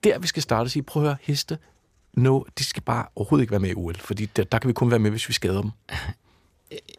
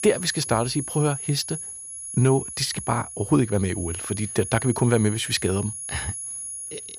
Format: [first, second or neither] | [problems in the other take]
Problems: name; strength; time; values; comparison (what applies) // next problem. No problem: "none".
first | high-pitched whine; loud; throughout; 10.5 kHz, 7 dB below the speech